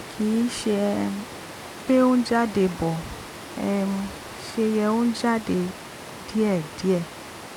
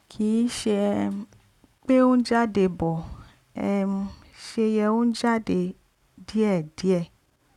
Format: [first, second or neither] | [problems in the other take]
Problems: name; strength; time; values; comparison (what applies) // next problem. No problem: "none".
second | background sound (Water); 14 dB below the speech